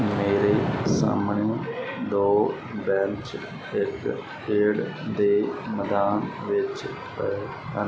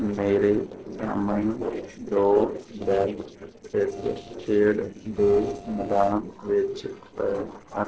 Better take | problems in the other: first | noise reduction (neural separator model SepFormer DNS4)

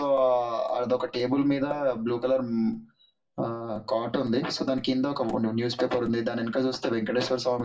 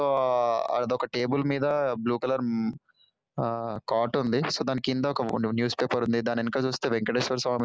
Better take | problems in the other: second | room echo; dies away in 0.2 s

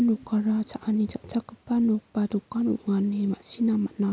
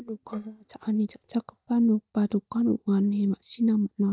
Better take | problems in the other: first | noise reduction (neural mask model DeepFilterNet 3)

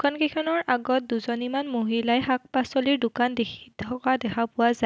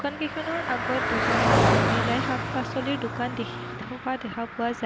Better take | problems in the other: first | background sound (Car passing by); 4 dB above the speech

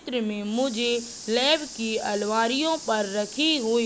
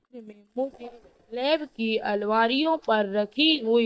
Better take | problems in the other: first | noise reduction (neural mask model DeepFilterNet 3)

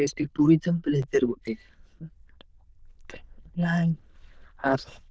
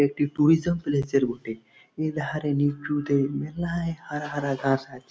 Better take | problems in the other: second | noise reduction (neural diffusion model UNIVERSE++)

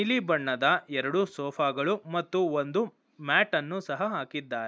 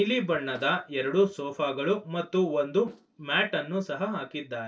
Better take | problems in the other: first | noise reduction (neural separator model SepFormer DNS4)

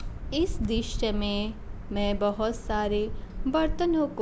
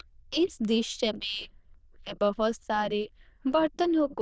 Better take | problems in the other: first | noise reduction (neural diffusion model UNIVERSE++)

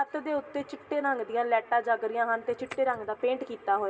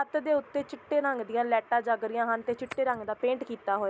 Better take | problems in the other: second | room echo; dies away in 0.7 s

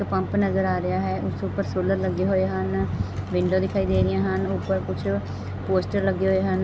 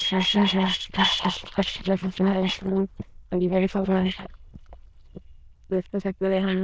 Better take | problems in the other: first | noise reduction (neural diffusion model UNIVERSE++)

